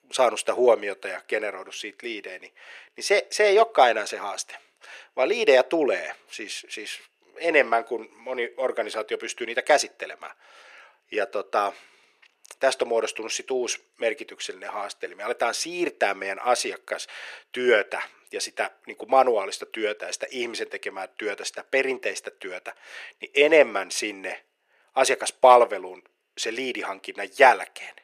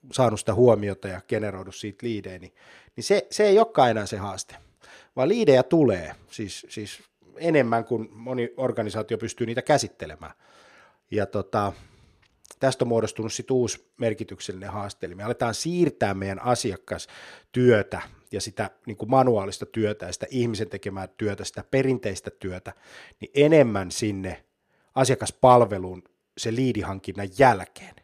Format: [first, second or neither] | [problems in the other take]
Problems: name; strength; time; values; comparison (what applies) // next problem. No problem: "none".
second | thin; very; fading below 450 Hz